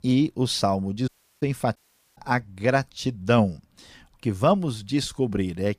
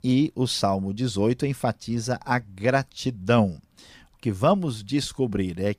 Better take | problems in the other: second | audio cutting out; at 1 s and at 2 s

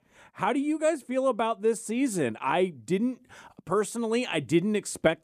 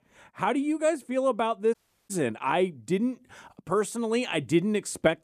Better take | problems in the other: first | audio cutting out; at 1.5 s

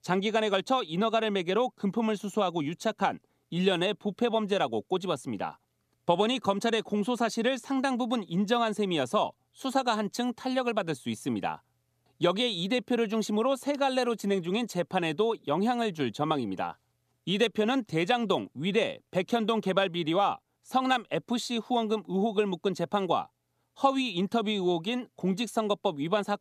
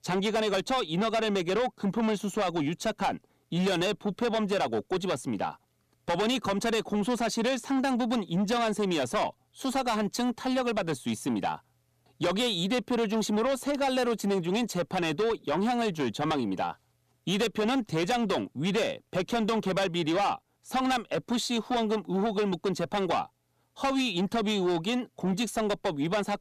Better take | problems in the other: first | distortion; heavy; 8 dB below the speech

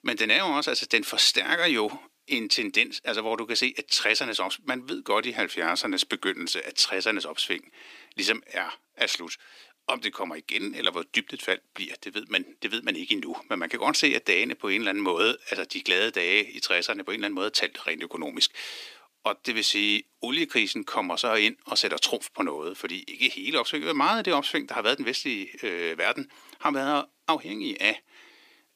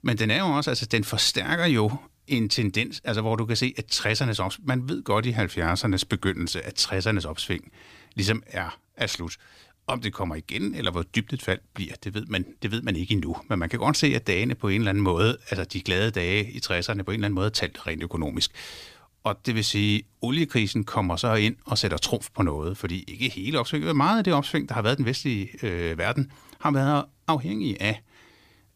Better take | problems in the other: second | thin; somewhat; fading below 300 Hz

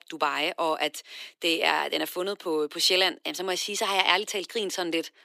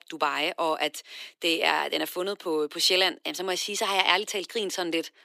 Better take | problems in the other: neither | thin; very; fading below 350 Hz; the same in both

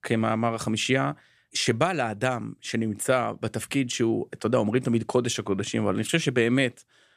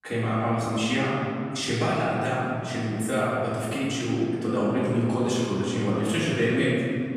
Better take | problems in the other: first | off-mic speech; far // room echo; strong; dies away in 2.5 s

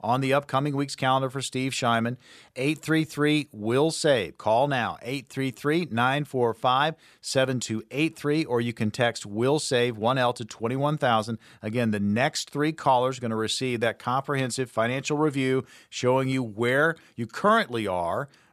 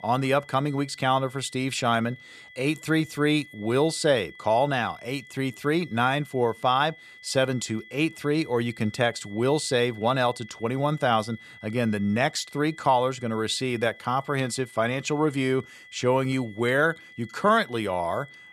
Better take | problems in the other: first | high-pitched whine; faint; throughout; 2 kHz, 20 dB below the speech

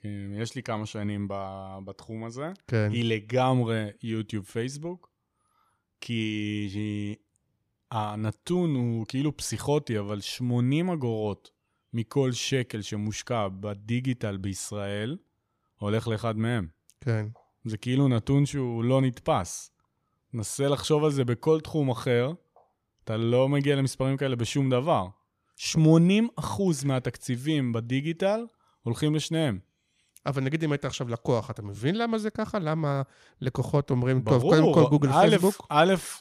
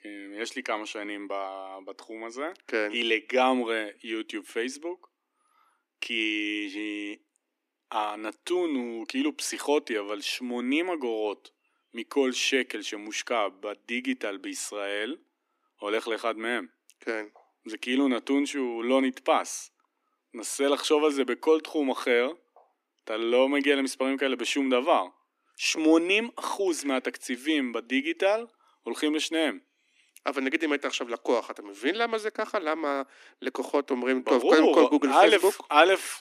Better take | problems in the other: first | thin; somewhat; fading below 250 Hz

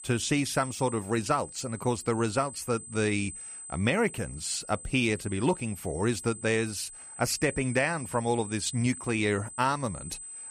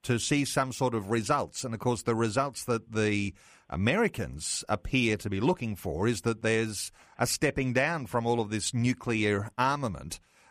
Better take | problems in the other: second | high-pitched whine; noticeable; throughout; 8 kHz, 10 dB below the speech

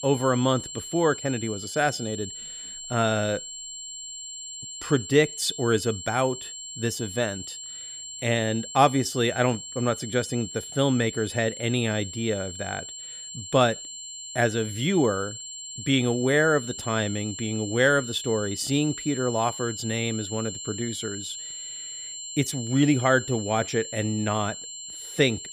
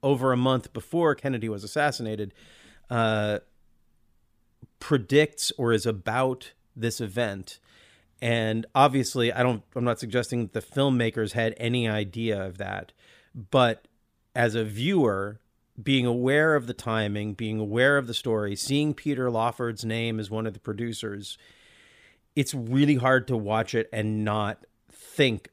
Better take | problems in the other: second | high-pitched whine; loud; throughout; 7.5 kHz, 9 dB below the speech

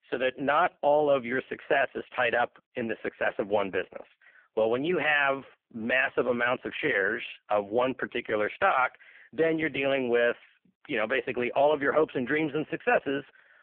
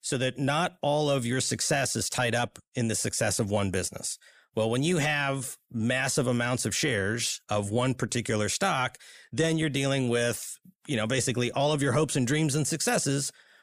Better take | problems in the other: second | phone-call audio; poor line

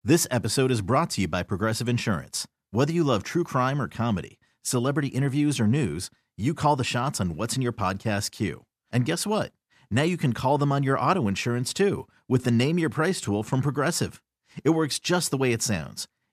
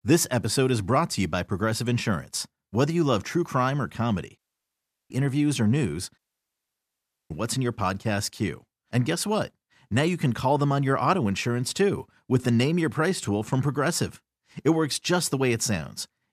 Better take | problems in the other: first | audio cutting out; at 4.5 s for 0.5 s and at 6 s for 1 s

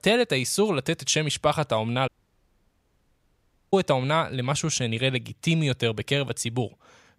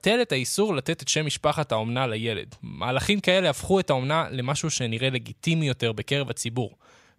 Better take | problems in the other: second | audio cutting out; at 2 s for 1.5 s

